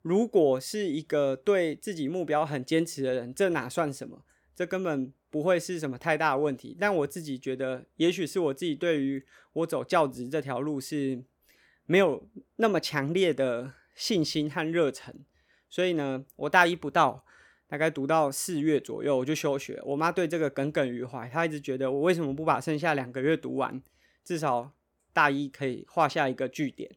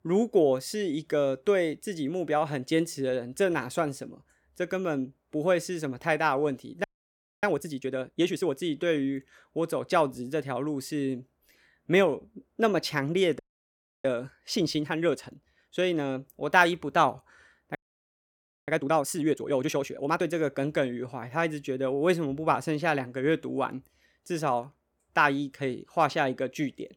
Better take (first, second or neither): first